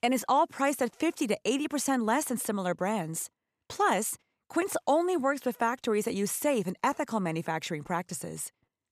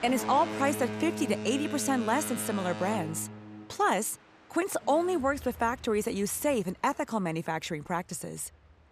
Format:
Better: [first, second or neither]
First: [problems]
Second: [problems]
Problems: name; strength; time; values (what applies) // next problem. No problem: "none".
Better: first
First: none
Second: train or aircraft noise; loud; throughout; 8 dB below the speech